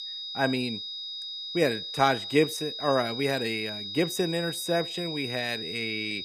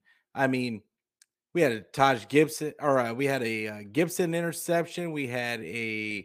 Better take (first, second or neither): second